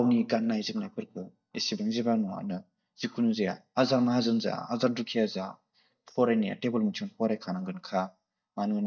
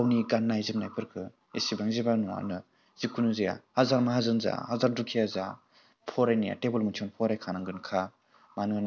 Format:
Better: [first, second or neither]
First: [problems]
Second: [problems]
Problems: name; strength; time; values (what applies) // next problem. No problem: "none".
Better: second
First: noise reduction (neural mask model DeepFilterNet 3)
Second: none